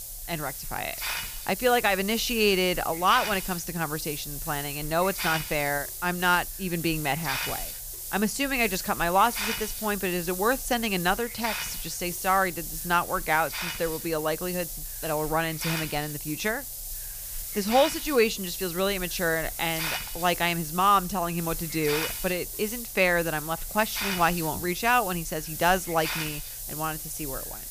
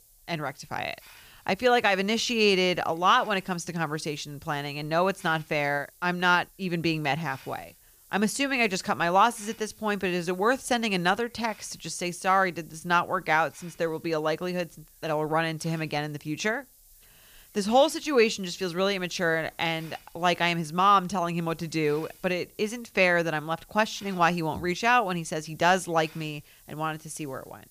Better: second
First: hiss; loud; throughout; 6 dB below the speech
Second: hiss; faint; throughout; 25 dB below the speech

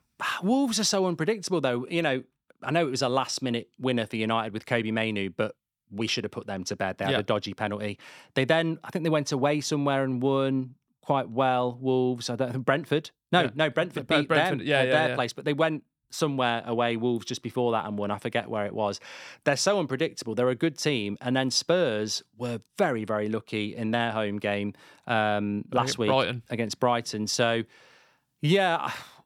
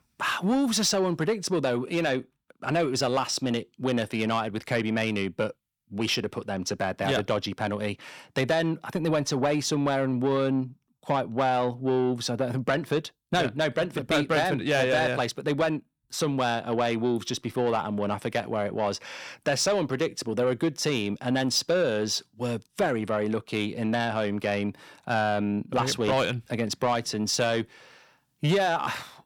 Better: first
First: none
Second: distortion; slight; 10 dB below the speech

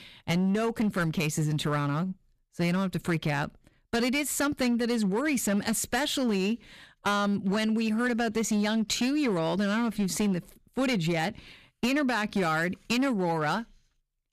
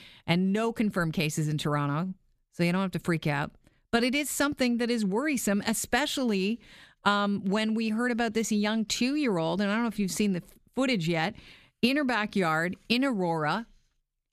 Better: second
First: distortion; slight; 9% of the sound clipped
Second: none

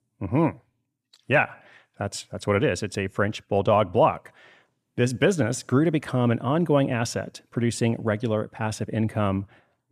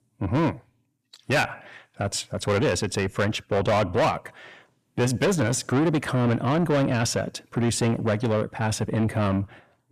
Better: first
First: none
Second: distortion; heavy; 7 dB below the speech

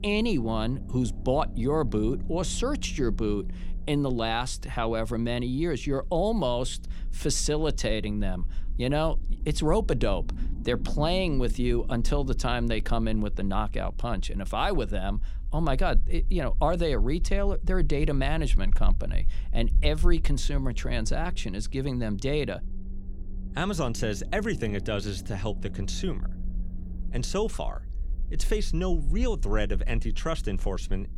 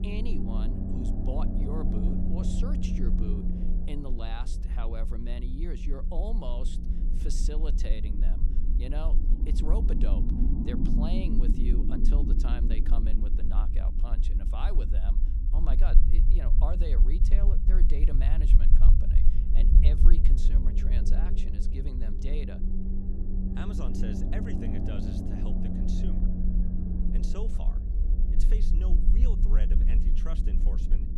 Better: first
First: low rumble; faint; throughout; 20 dB below the speech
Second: low rumble; loud; throughout; as loud as the speech

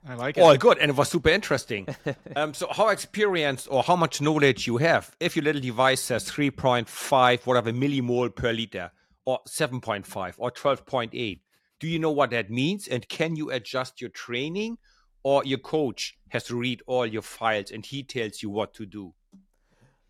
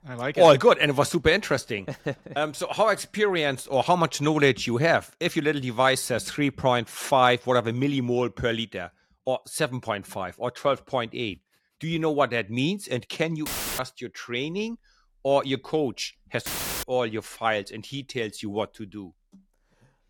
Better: first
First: none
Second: audio cutting out; filled with static; at 13 s and at 16 s

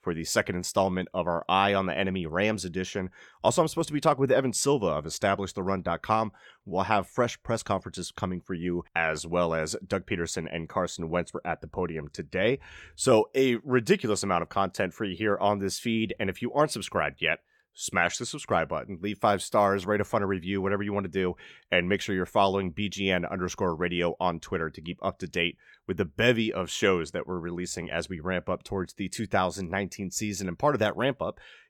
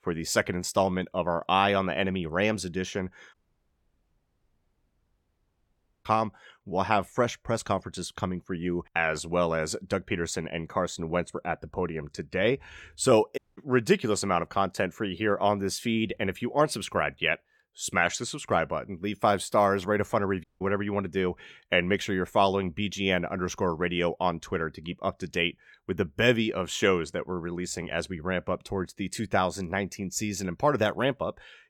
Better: first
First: none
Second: audio cutting out; at 3.5 s for 2.5 s, at 13 s and at 20 s

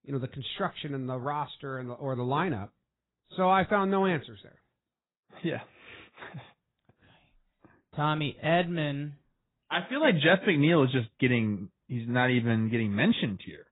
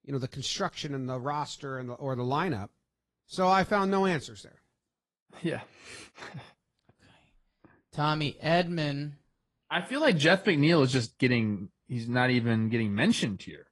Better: second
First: garbled, watery; badly; nothing above 4 kHz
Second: garbled, watery; slightly; nothing above 11 kHz

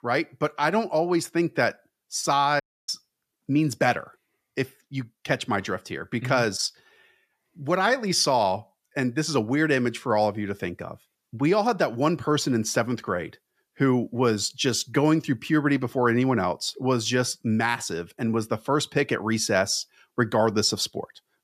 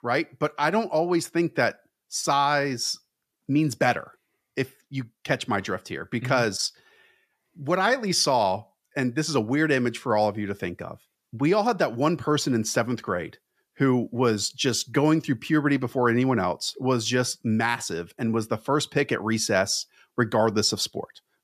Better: second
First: audio cutting out; at 2.5 s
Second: none

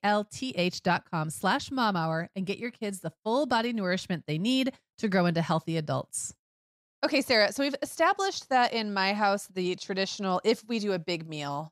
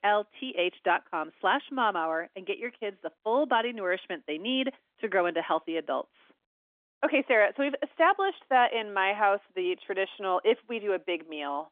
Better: first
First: none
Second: phone-call audio; nothing above 3.5 kHz

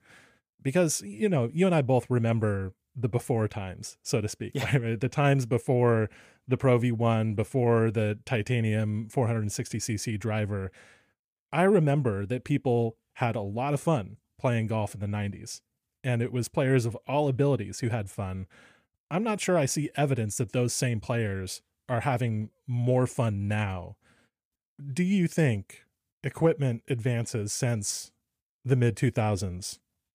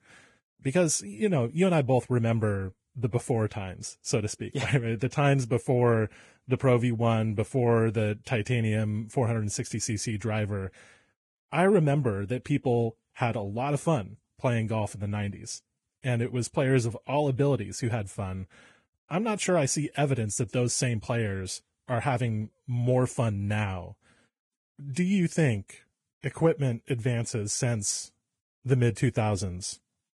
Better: first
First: none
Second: garbled, watery; badly; nothing above 10.5 kHz

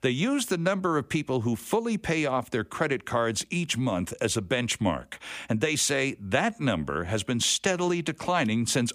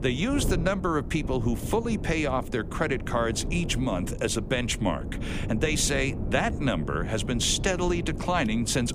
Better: first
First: none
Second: wind noise on the microphone; occasional gusts; 15 dB below the speech

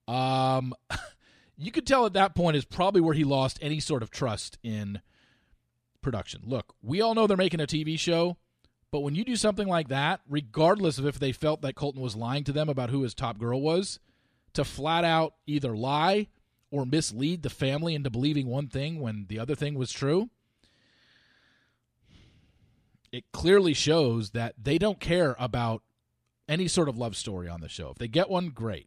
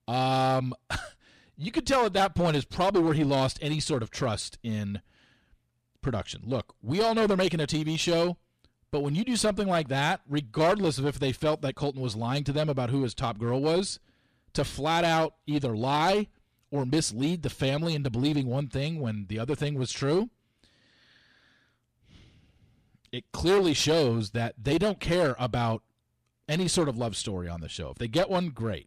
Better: first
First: none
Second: distortion; slight; 6% of the sound clipped

